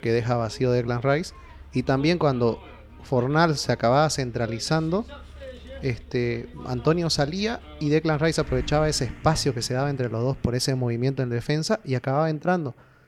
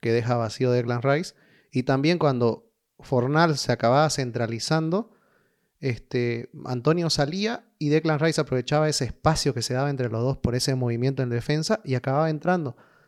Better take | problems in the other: second | traffic noise; noticeable; throughout; 20 dB below the speech

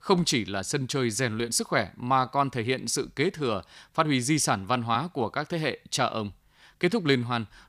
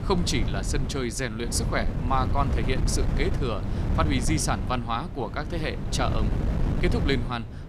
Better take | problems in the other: first | wind noise on the microphone; heavy; 9 dB below the speech

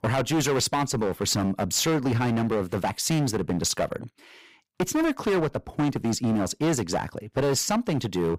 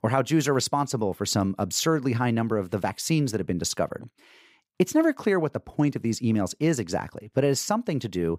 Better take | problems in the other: second | distortion; heavy; 17% of the sound clipped

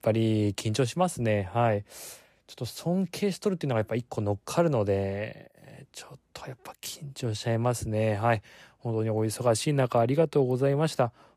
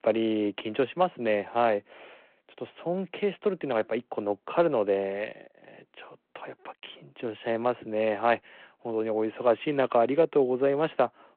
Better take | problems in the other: first | phone-call audio

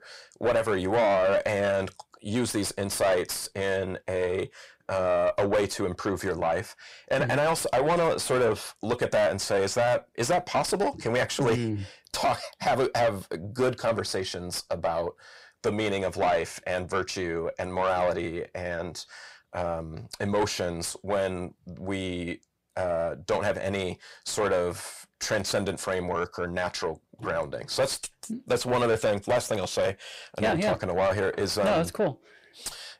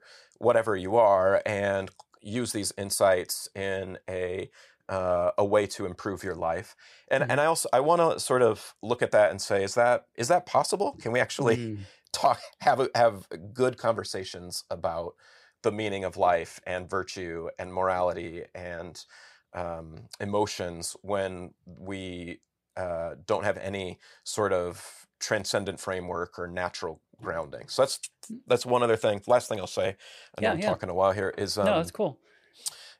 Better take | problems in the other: second | distortion; heavy; 7 dB below the speech

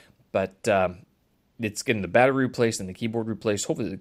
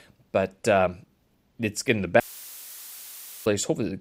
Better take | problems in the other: first | audio cutting out; filled with static; at 2 s for 1.5 s

